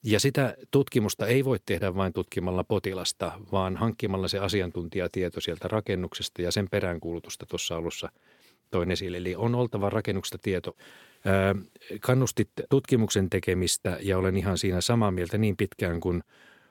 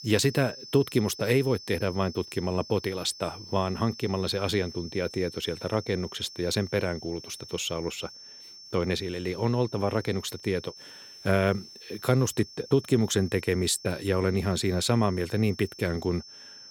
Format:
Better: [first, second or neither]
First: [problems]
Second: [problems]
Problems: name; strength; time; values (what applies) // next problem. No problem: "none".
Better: first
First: none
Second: high-pitched whine; noticeable; throughout; 5.5 kHz, 15 dB below the speech